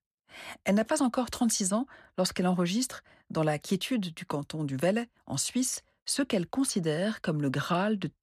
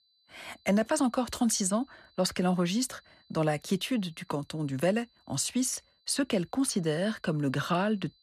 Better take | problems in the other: first | high-pitched whine; faint; throughout; 4 kHz, 35 dB below the speech

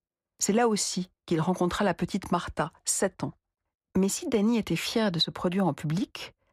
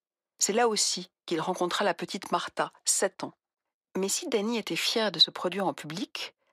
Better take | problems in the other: first | thin; somewhat; fading below 350 Hz

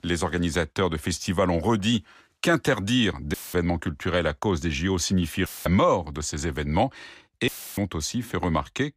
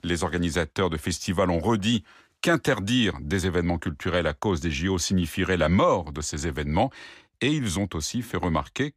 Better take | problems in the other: second | audio cutting out; filled with static; at 3.5 s, at 5.5 s and at 7.5 s

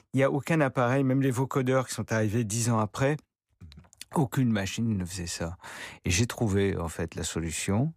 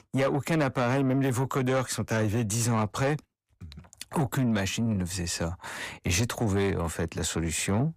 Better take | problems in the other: first | distortion; slight; 10 dB below the speech

